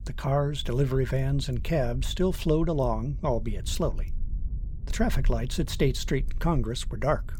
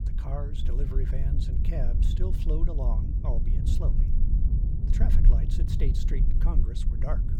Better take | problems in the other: first | low rumble; loud; throughout; 2 dB below the speech; faint in the first

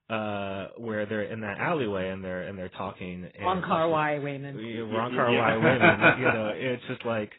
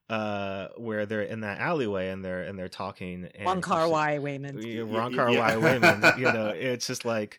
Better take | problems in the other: second | garbled, watery; badly; nothing above 4 kHz

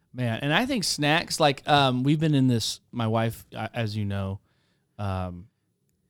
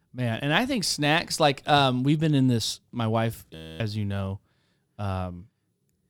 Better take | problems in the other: first | audio freezing; at 3.5 s

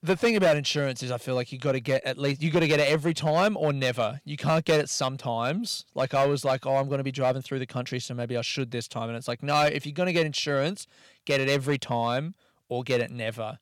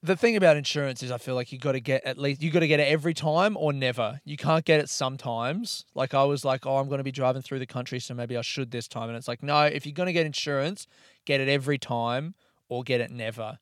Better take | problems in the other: second | distortion; slight; 3% of the sound clipped

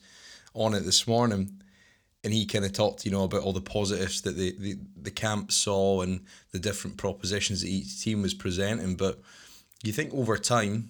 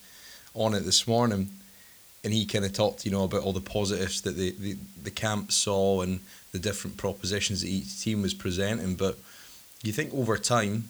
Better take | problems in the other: first | hiss; faint; throughout; 20 dB below the speech

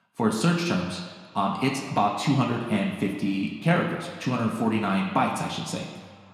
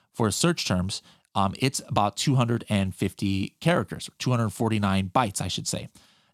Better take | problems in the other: second | room echo; noticeable; dies away in 1.6 s // off-mic speech; somewhat distant

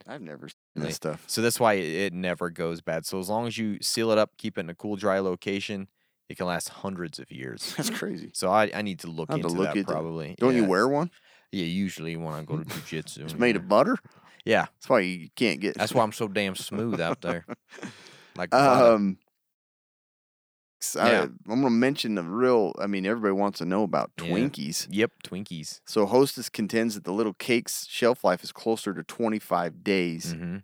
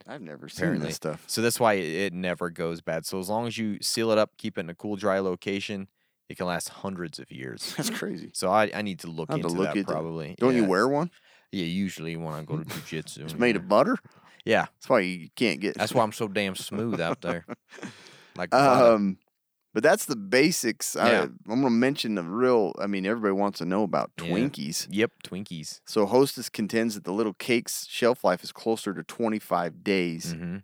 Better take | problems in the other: second | audio cutting out; at 0.5 s and at 20 s for 1 s

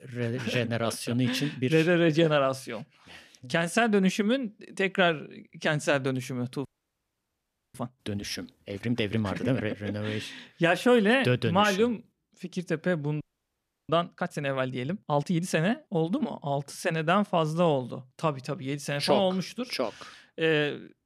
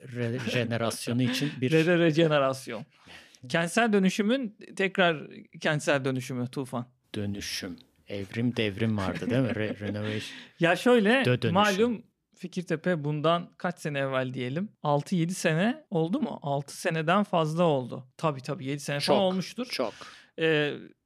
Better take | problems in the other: second | audio freezing; at 6.5 s for 1 s and at 13 s for 0.5 s

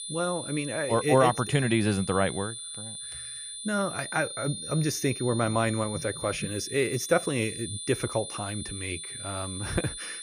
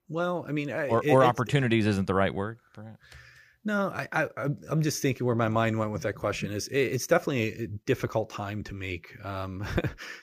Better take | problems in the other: second | high-pitched whine; loud; throughout; 9.5 kHz, 7 dB below the speech

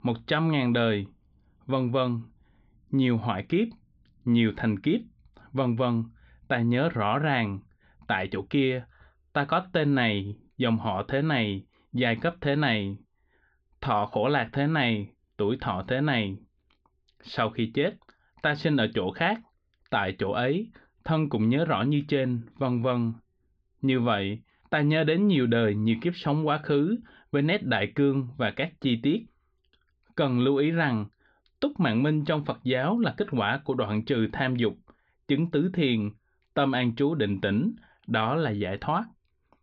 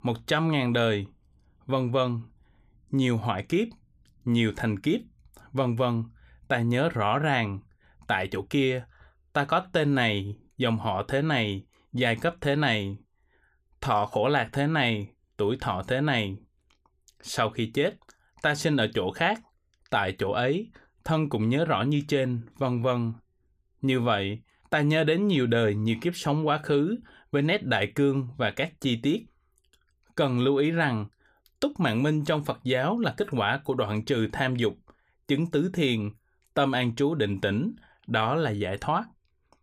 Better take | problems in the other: second | muffled; very slightly; fading above 4 kHz

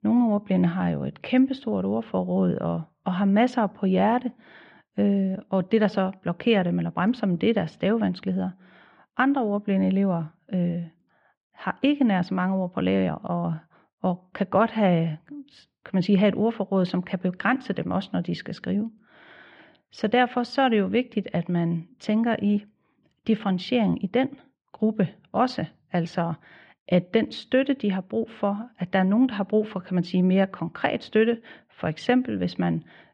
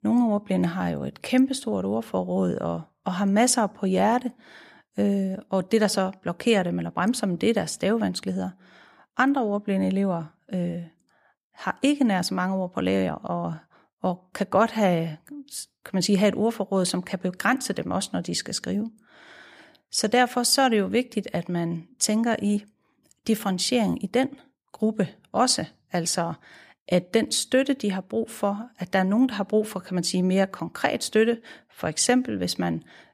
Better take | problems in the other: second | muffled; very; fading above 3 kHz

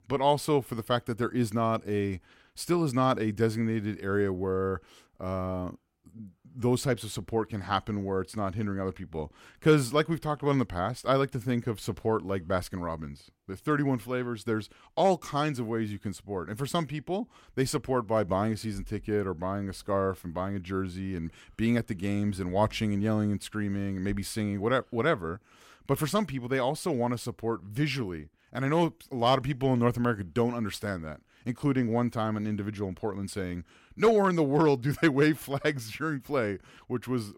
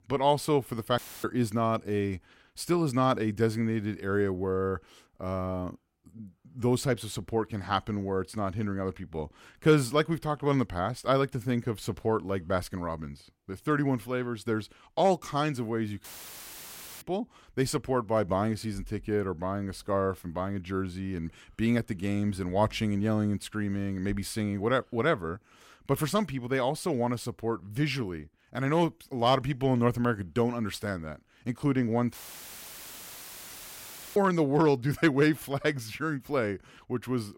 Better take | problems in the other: first | audio cutting out; filled with static; at 1 s, at 16 s for 1 s and at 32 s for 2 s

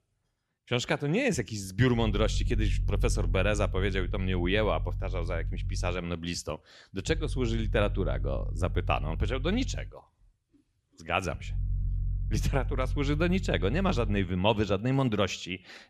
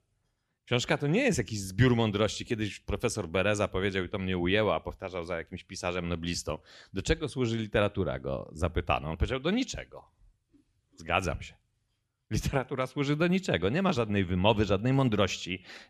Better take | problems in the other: second | low rumble; faint; from 2 to 6 s, from 7 to 10 s and from 11 to 14 s; 20 dB below the speech

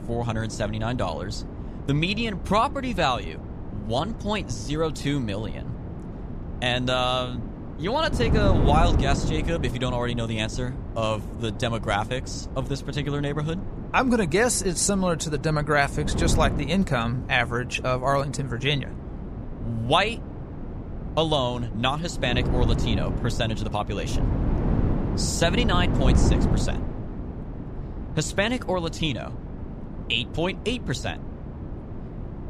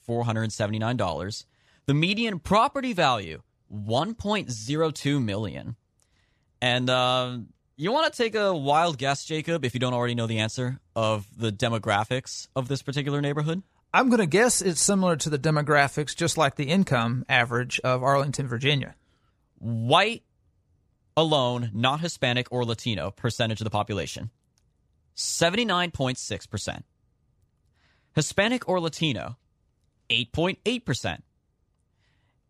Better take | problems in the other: second | wind noise on the microphone; occasional gusts; 10 dB below the speech

